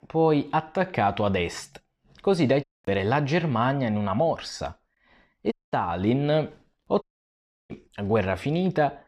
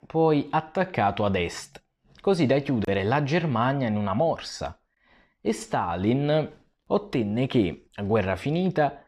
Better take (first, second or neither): second